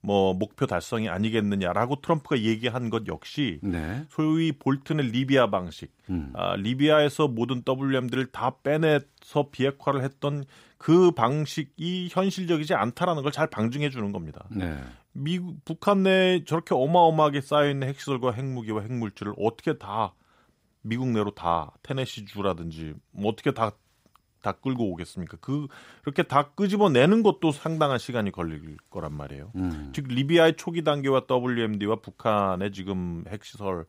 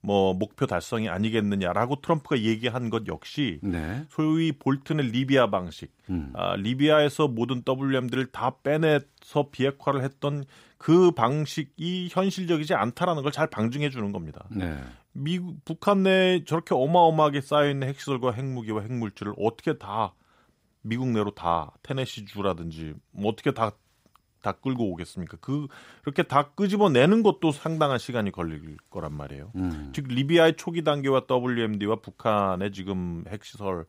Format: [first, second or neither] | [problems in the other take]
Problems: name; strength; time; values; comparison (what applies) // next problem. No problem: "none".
neither | none